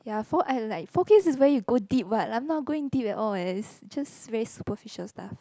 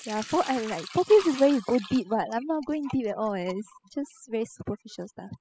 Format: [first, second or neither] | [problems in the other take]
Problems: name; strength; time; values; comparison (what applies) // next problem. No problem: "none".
first | noise reduction (classical method spectral subtraction)